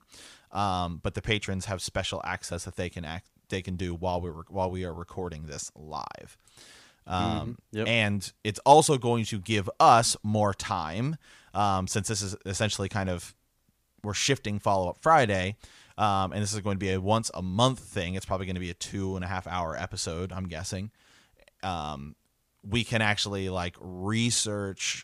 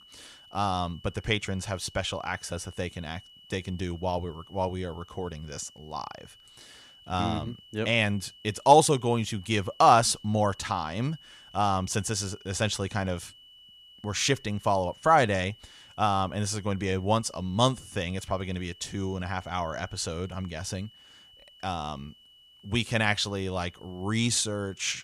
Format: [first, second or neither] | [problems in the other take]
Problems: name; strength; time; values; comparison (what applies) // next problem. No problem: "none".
first | high-pitched whine; faint; throughout; 3 kHz, 25 dB below the speech